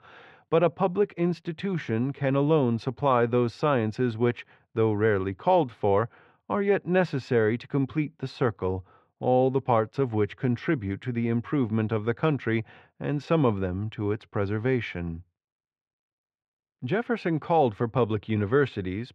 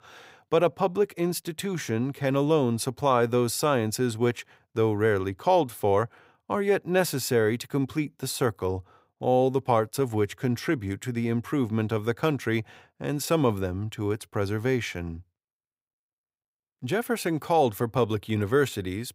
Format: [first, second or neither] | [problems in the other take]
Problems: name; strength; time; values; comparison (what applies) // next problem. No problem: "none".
second | muffled; slightly; fading above 3 kHz